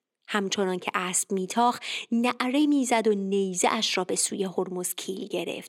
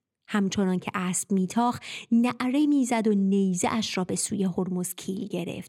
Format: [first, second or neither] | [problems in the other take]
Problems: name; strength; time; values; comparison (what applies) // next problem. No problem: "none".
second | thin; very slightly; fading below 400 Hz